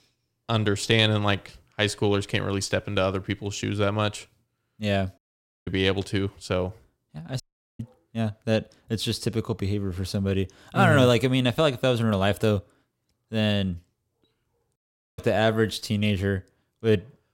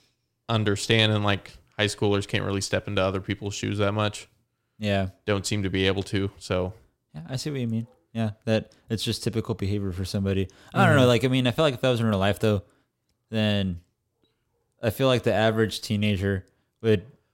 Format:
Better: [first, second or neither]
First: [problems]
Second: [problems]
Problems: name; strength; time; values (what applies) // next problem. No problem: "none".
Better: second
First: audio cutting out; at 5 s, at 7.5 s and at 15 s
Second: none